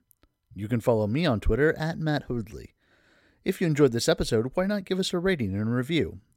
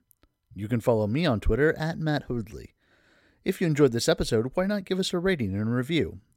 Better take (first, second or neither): neither